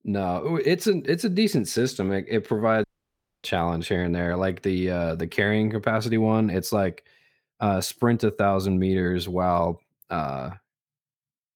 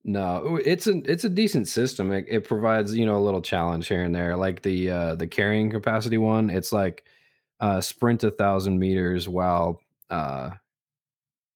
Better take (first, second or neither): second